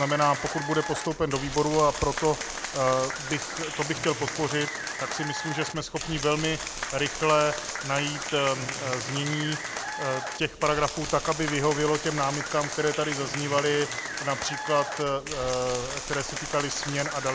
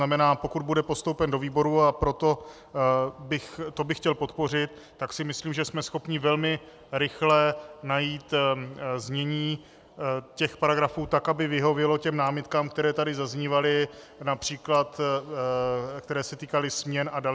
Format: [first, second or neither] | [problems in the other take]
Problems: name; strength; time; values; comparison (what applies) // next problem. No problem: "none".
second | background sound (Applause); 6 dB below the speech